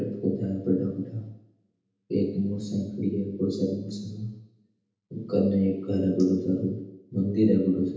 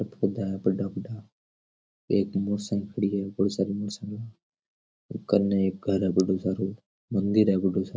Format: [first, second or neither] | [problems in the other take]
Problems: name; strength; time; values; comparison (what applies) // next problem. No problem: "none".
second | room echo; dies away in 0.9 s